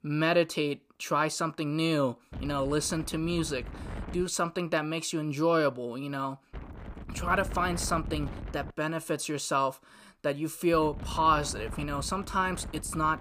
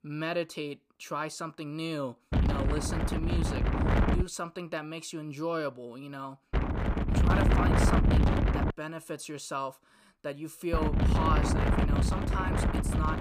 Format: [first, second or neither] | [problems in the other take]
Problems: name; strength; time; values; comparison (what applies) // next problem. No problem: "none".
first | wind noise on the microphone; heavy; from 2.5 to 4 s, from 6.5 to 8.5 s and from 11 s on; 2 dB above the speech; occasional gusts in the first